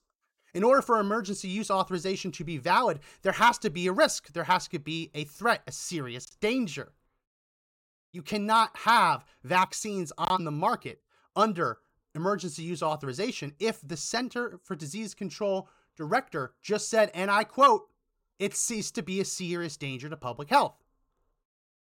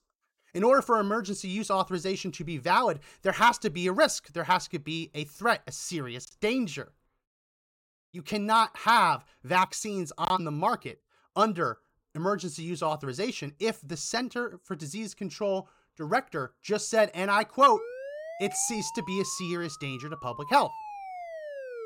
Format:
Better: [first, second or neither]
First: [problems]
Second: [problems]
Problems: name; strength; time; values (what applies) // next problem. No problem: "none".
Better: first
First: none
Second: siren; faint; from 18 s on; peak 10 dB below the speech